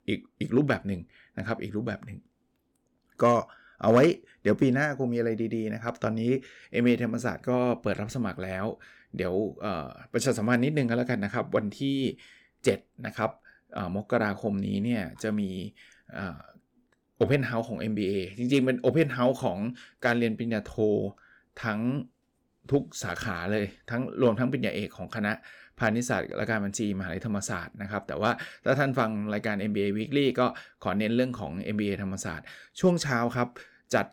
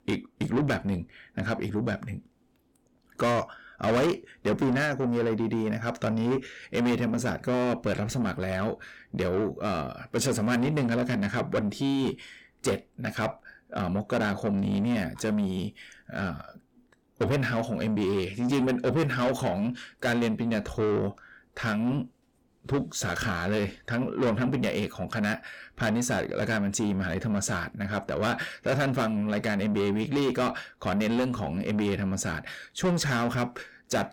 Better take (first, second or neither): first